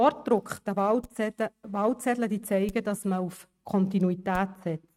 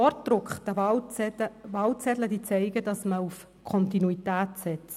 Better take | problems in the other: second | noise reduction (neural mask model RNNoise)

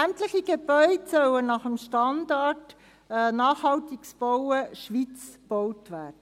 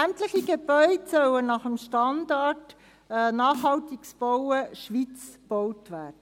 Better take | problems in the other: first | background sound (Snare drum); 15 dB below the speech

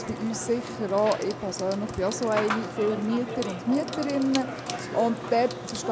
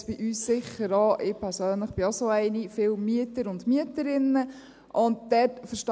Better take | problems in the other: second | background sound (Sink (filling or washing) / Water tap, faucet / Water); 7 dB below the speech

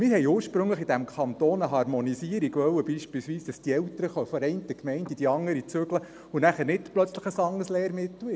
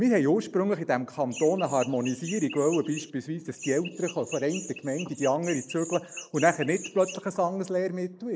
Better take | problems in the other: first | noise reduction (neural mask model Resemble Enhance denoiser)

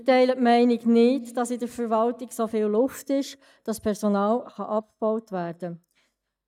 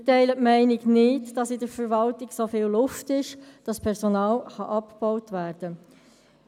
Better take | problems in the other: second | noise reduction (neural mask model DeepFilterNet 3)

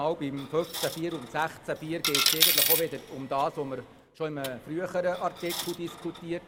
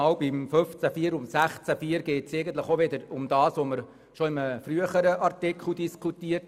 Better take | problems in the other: second | background sound (Coin (dropping)); as loud as the speech

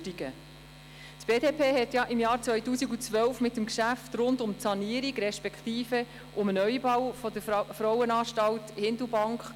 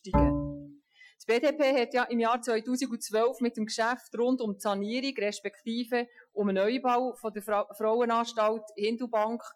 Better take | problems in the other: first | noise reduction (classical method Wiener filter)

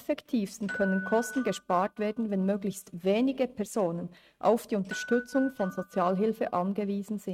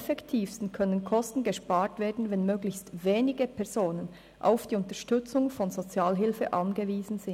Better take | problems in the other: second | noise reduction (neural mask model RNNoise)

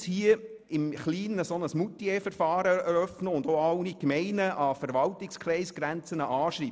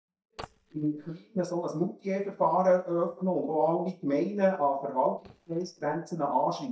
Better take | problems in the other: first | noise reduction (neural mask model DeepFilterNet 3)

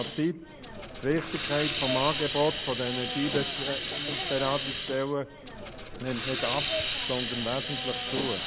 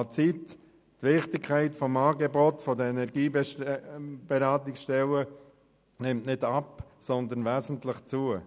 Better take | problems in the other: second | background sound (Hiss); 2 dB below the speech

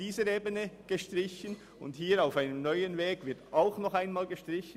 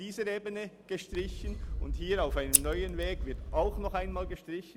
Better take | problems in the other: first | background sound (Scissors); 2 dB above the speech

